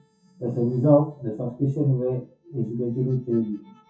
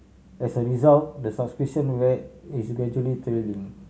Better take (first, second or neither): second